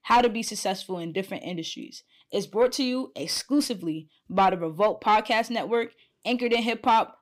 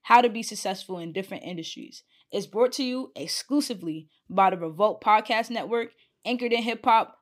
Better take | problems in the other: second | distortion; slight; 10 dB below the speech

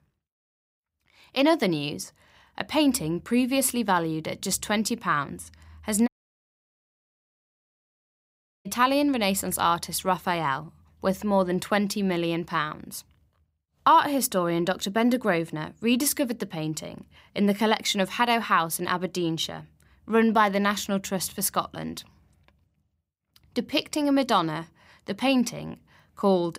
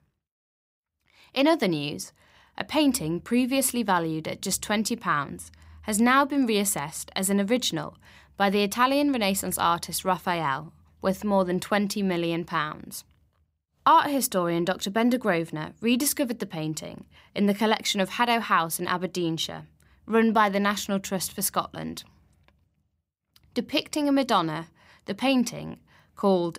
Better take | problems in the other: second | audio cutting out; at 6 s for 2.5 s

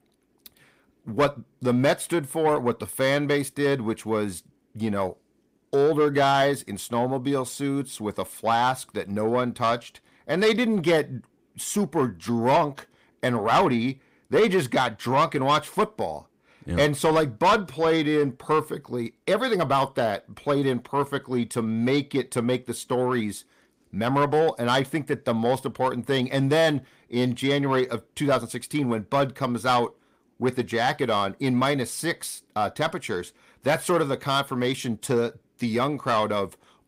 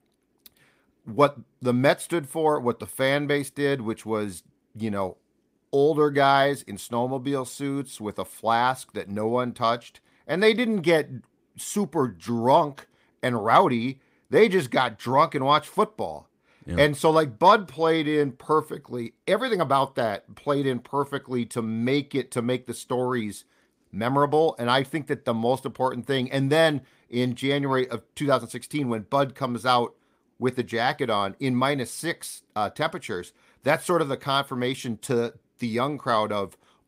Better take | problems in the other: second | distortion; slight; 10 dB below the speech

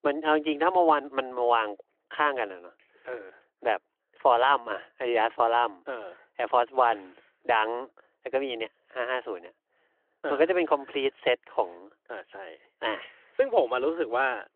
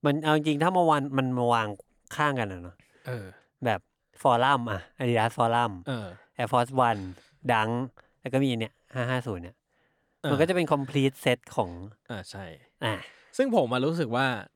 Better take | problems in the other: second | phone-call audio

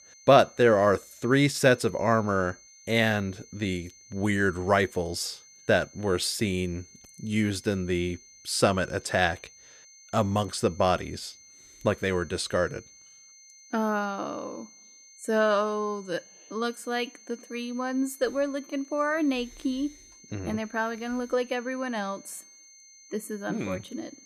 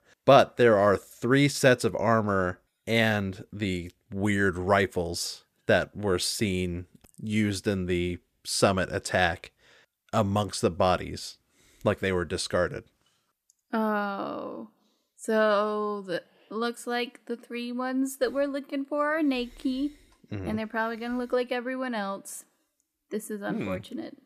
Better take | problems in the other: second | high-pitched whine; faint; throughout; 6.5 kHz, 25 dB below the speech

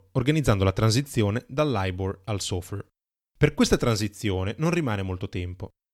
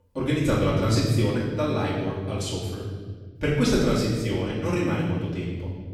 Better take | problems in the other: first | off-mic speech; far // room echo; noticeable; dies away in 1.5 s

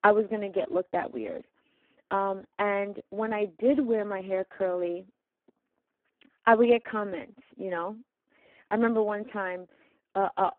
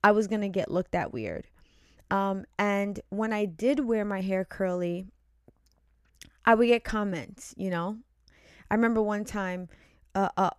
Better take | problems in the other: second | phone-call audio; poor line

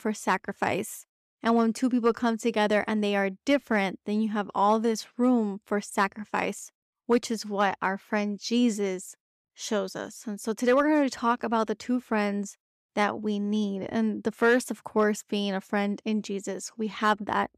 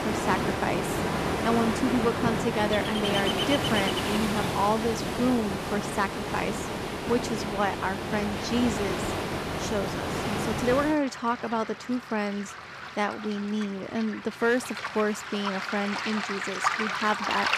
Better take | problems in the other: first | rain or running water; loud; throughout; 1 dB below the speech

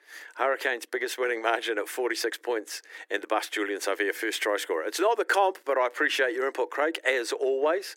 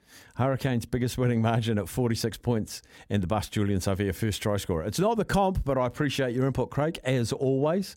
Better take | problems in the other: second | thin; very; fading below 300 Hz

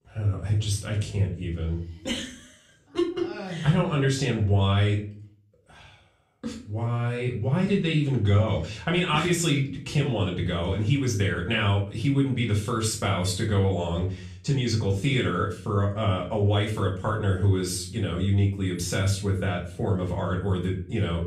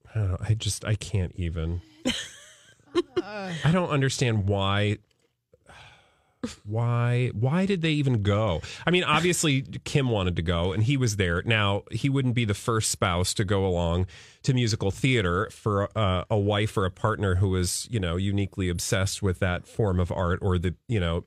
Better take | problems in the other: second | off-mic speech; far // room echo; slight; dies away in 0.4 s

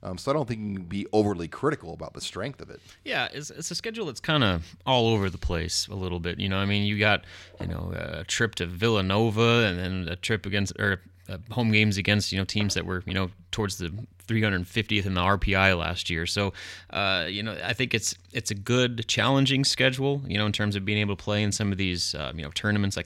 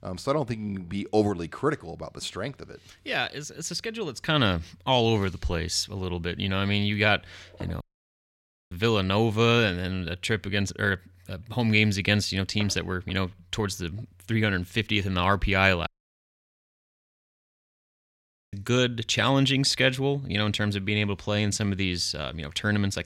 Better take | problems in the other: first | audio cutting out; at 8 s for 1 s and at 16 s for 2.5 s

